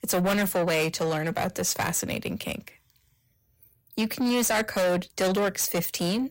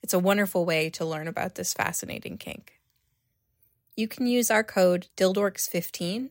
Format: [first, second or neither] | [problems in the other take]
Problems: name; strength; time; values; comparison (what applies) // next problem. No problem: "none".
second | distortion; heavy; 6 dB below the speech